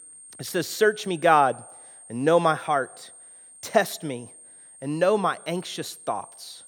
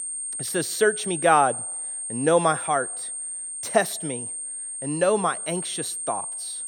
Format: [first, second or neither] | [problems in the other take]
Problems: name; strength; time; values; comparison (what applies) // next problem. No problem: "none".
first | high-pitched whine; loud; throughout; 8.5 kHz, 5 dB below the speech; faint in the first